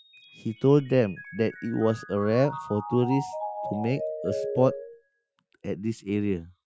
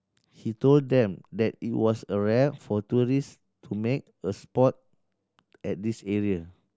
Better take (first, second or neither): second